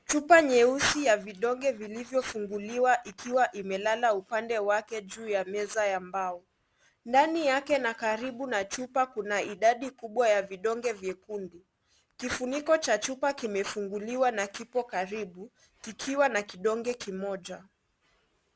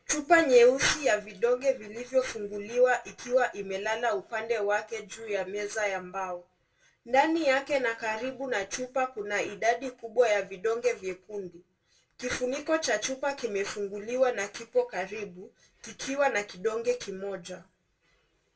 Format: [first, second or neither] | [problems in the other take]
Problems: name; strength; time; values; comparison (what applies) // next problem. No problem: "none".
first | room echo; dies away in 0.2 s